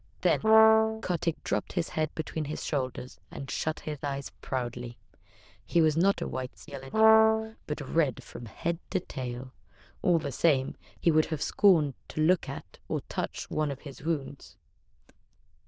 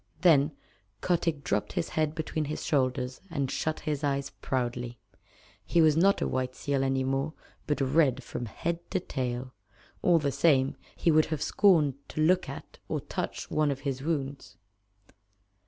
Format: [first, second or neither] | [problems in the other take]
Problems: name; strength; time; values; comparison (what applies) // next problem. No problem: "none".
second | noise reduction (neural diffusion model UNIVERSE++)